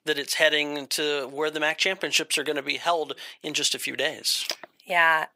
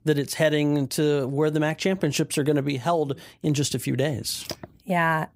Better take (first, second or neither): second